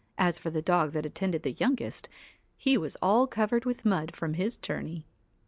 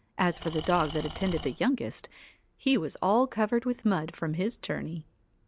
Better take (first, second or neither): first